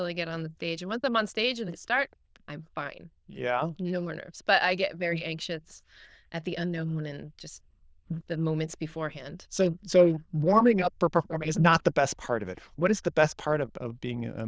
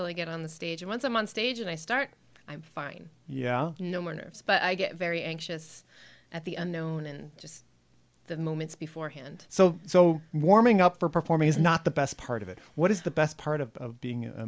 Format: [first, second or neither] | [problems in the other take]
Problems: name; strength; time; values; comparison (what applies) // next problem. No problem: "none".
second | noise reduction (neural diffusion model UNIVERSE++)